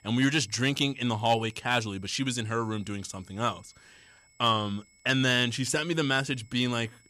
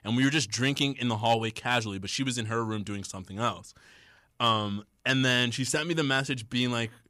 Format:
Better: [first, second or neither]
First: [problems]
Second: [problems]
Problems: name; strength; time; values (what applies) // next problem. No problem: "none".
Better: second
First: high-pitched whine; faint; throughout; 2 kHz, 30 dB below the speech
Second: none